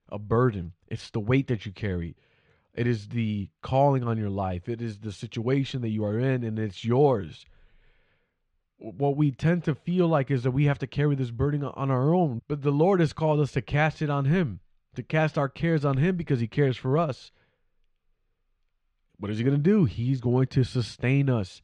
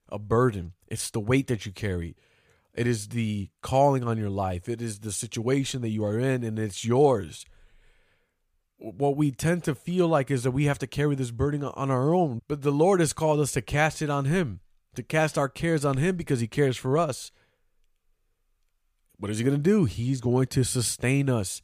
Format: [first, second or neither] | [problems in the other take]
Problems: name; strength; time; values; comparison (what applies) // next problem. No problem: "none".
second | muffled; slightly; fading above 4 kHz